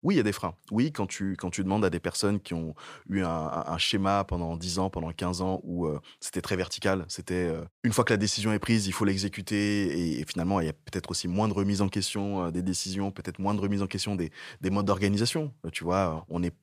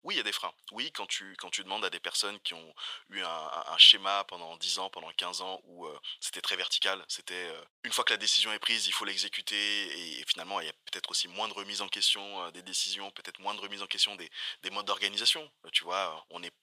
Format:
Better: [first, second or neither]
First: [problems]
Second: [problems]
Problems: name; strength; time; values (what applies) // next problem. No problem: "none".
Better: first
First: none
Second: thin; very; fading below 850 Hz